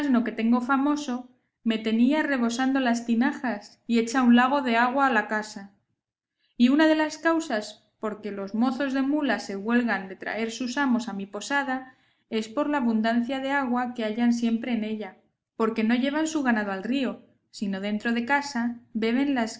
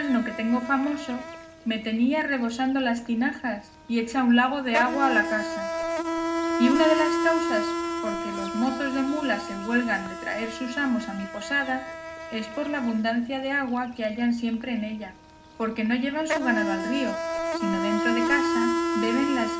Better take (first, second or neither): first